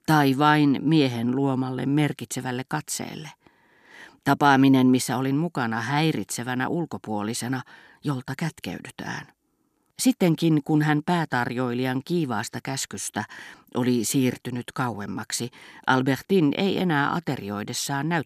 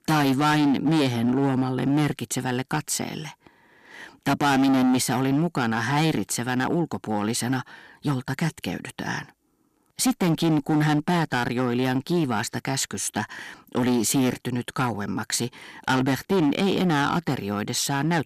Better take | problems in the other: first | distortion; heavy; 11% of the sound clipped

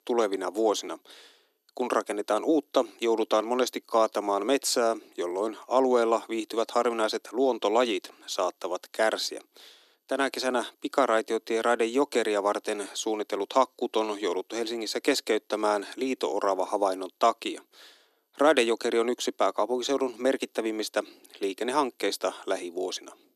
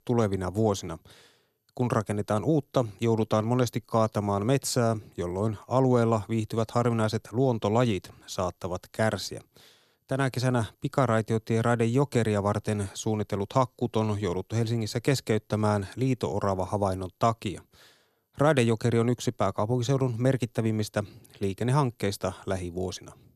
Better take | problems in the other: second | thin; somewhat; fading below 300 Hz

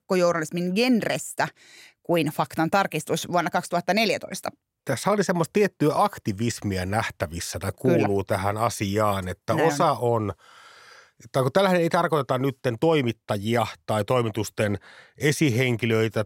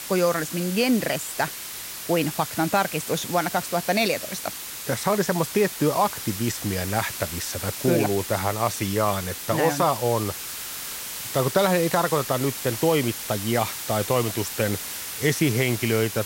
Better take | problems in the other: first | hiss; loud; throughout; 7 dB below the speech

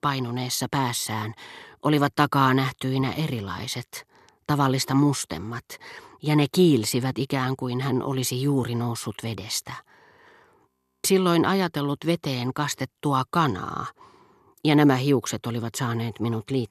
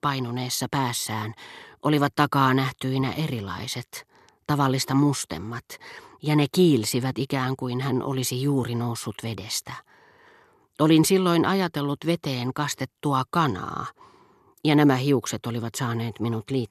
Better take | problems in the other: second | audio freezing; at 11 s

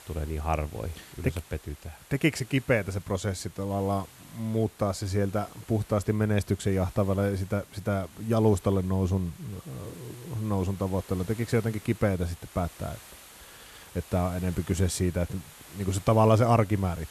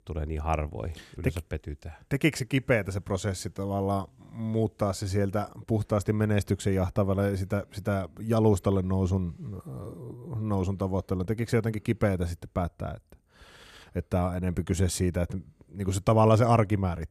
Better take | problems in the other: second | hiss; faint; throughout; 20 dB below the speech

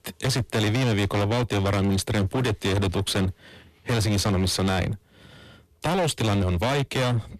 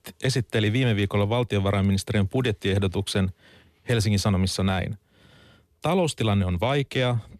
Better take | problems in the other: second | distortion; heavy; 31% of the sound clipped

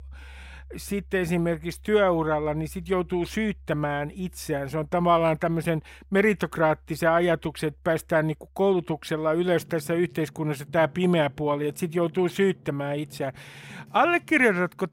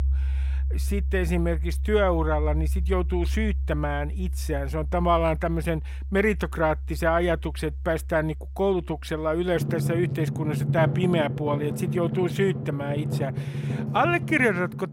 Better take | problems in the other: first | background music; loud; throughout; 3 dB below the speech; faint in the first

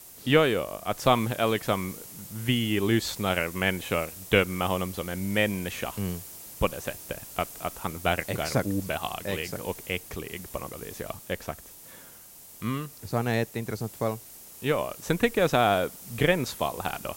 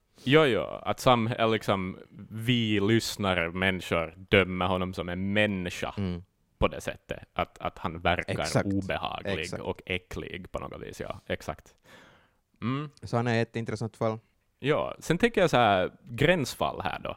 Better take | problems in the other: second | hiss; noticeable; throughout; 15 dB below the speech

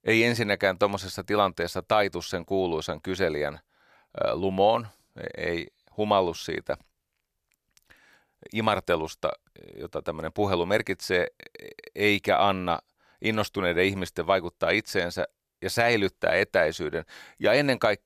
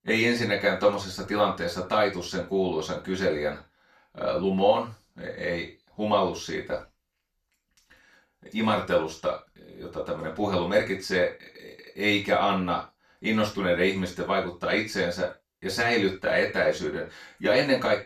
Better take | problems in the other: first | room echo; slight; dies away in 0.3 s // off-mic speech; far

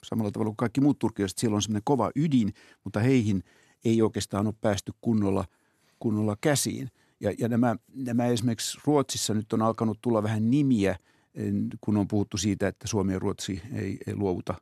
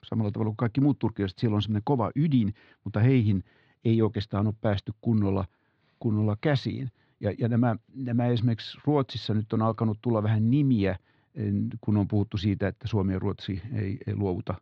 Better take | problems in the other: first | muffled; slightly; fading above 4 kHz

